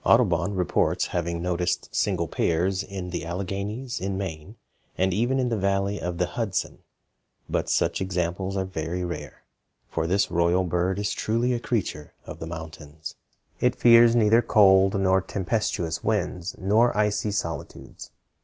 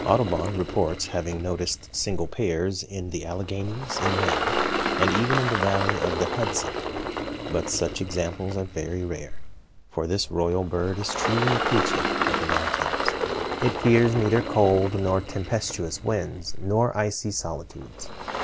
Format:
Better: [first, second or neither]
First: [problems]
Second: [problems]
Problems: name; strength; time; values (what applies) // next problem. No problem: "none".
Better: first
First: none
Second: background sound (Engine); 3 dB below the speech